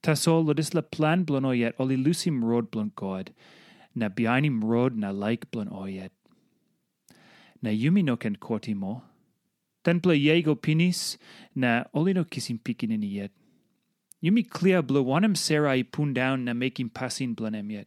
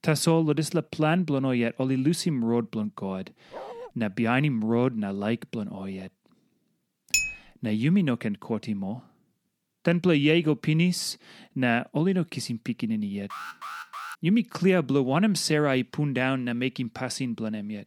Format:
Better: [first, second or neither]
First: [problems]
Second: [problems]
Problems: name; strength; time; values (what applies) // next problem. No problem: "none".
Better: first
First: none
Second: dog barking; faint; at 3.5 s; peak 15 dB below the speech // clattering dishes; loud; at 7 s; peak 1 dB above the speech // alarm; faint; at 13 s; peak 10 dB below the speech